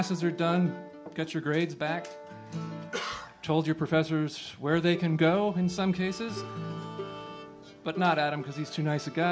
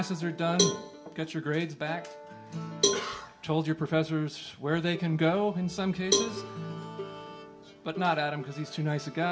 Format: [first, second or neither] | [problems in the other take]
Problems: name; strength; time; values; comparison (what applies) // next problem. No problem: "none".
first | background sound (Cowbell); 4 dB below the speech // room echo; dies away in 0.2 s